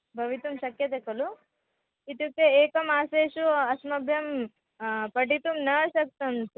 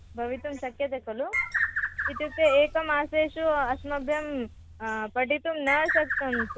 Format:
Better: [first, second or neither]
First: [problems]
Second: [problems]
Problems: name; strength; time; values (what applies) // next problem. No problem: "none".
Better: first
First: none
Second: background sound (Bird); 6 dB below the speech